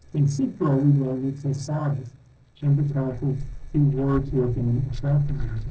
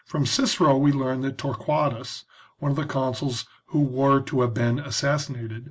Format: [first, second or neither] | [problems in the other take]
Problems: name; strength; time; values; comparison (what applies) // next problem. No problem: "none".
second | noise reduction (neural separator model SepFormer DNS4)